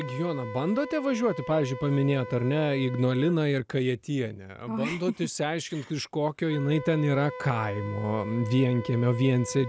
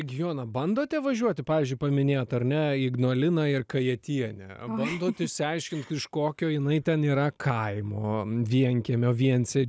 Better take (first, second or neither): second